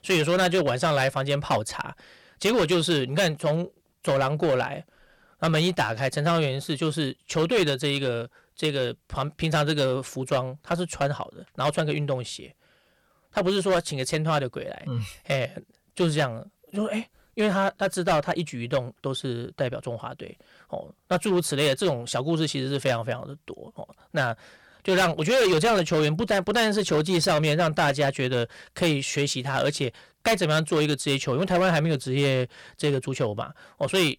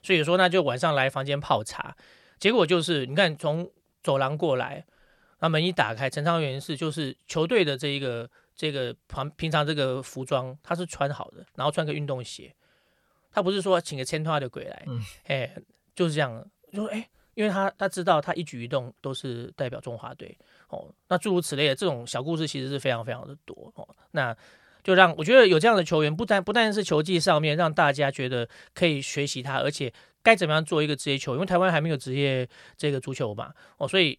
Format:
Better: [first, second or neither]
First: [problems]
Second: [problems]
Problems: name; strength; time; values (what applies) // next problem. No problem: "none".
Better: second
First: distortion; heavy; 8% of the sound clipped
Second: none